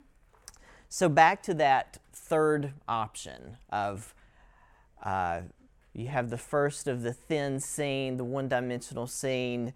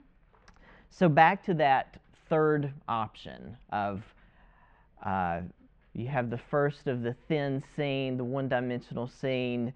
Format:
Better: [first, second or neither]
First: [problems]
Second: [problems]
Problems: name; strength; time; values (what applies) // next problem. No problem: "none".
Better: first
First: none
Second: muffled; slightly; fading above 4 kHz